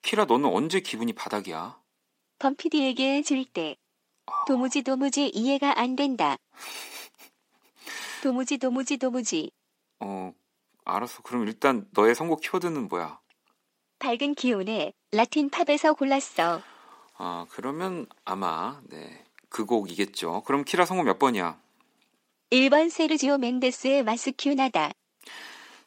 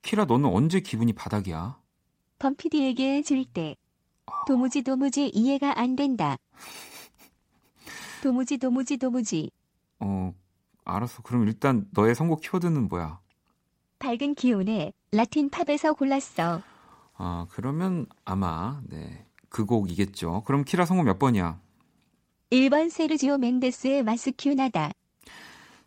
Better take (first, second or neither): second